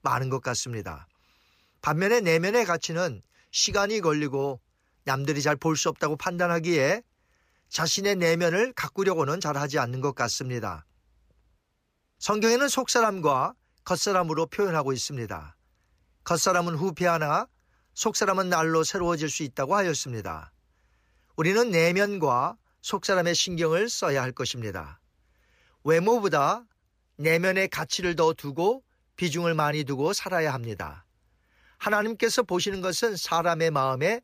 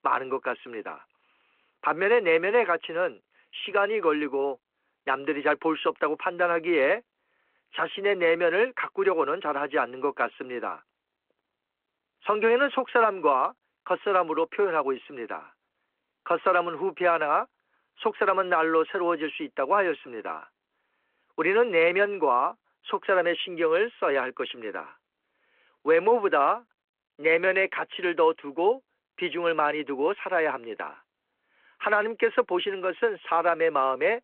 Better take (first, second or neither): first